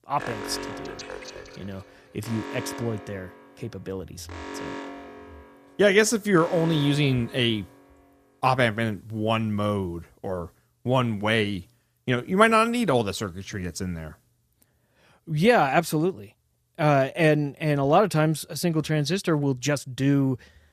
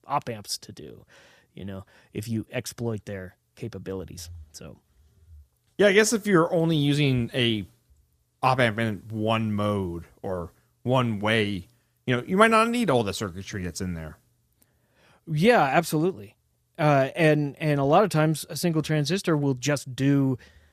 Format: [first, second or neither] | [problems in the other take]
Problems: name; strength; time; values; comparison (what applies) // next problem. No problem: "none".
second | alarm; noticeable; until 7.5 s; peak 9 dB below the speech